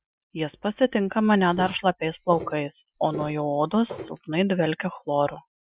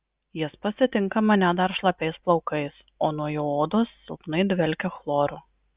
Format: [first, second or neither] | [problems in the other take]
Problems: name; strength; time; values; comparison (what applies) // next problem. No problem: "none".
second | noise reduction (classical method Wiener filter)